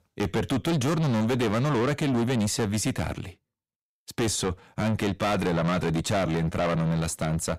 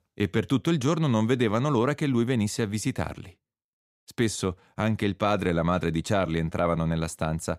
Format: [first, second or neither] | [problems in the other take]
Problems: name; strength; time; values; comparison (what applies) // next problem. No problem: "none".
second | distortion; heavy; 6 dB below the speech